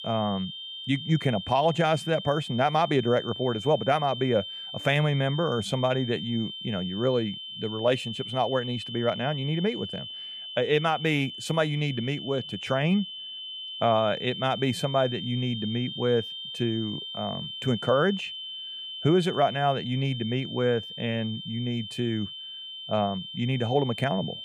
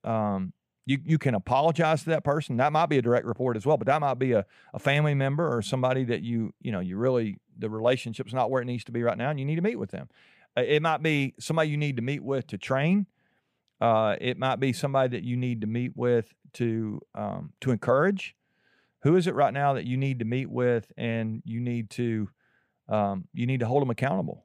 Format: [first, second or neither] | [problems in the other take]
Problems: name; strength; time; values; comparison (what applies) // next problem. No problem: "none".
second | high-pitched whine; loud; throughout; 3 kHz, 8 dB below the speech